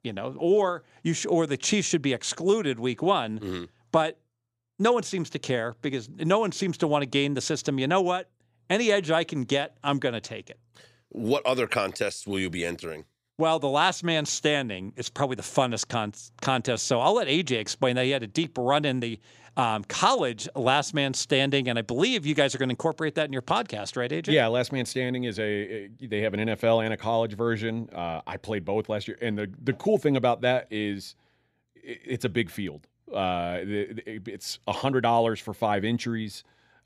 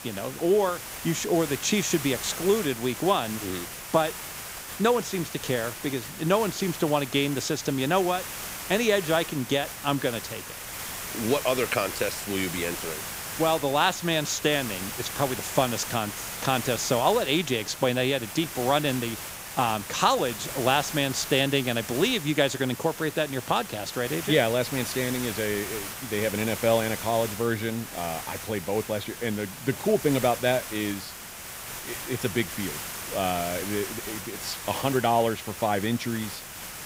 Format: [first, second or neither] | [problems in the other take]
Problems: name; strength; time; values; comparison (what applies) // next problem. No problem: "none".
first | hiss; loud; throughout; 8 dB below the speech